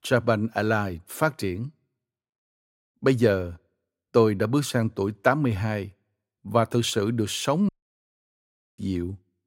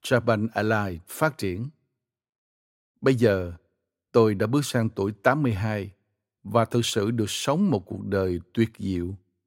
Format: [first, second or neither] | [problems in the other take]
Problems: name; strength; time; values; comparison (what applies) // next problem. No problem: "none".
second | audio cutting out; at 7.5 s for 1 s